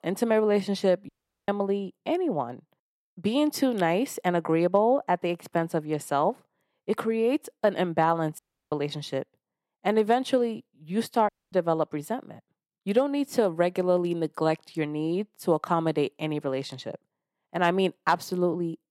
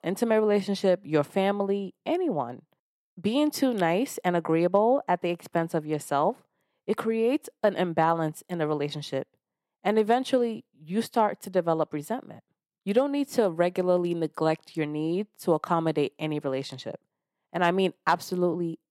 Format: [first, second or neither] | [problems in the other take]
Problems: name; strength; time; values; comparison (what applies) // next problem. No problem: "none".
second | audio cutting out; at 1 s, at 8.5 s and at 11 s